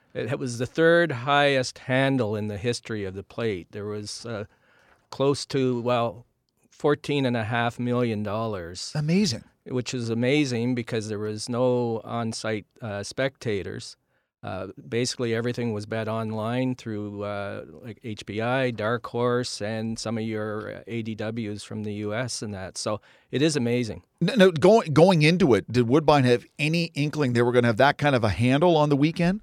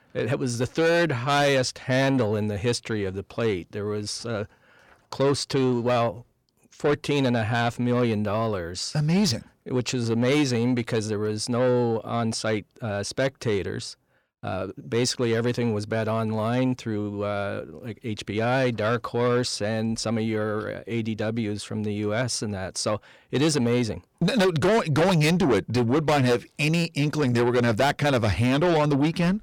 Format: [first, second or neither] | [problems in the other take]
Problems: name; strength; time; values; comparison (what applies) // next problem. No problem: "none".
first | distortion; heavy; 8 dB below the speech